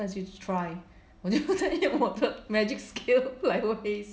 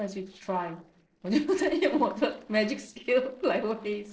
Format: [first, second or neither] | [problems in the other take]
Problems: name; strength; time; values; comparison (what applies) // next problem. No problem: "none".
first | noise reduction (neural separator model SepFormer DNS4)